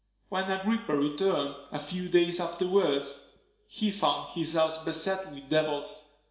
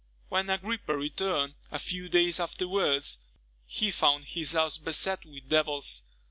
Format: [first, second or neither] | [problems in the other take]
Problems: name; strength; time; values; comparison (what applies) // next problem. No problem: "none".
second | room echo; dies away in 0.7 s